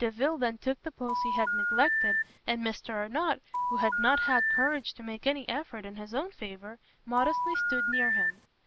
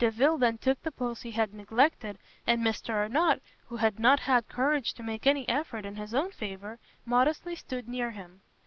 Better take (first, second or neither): second